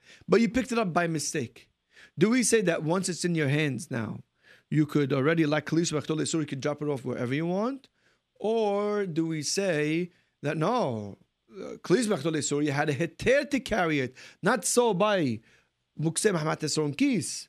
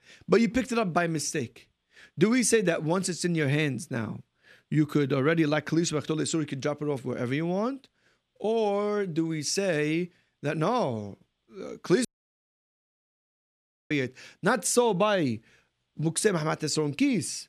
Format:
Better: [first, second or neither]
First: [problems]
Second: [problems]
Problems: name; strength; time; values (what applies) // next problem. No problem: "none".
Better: first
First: none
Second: audio cutting out; at 12 s for 2 s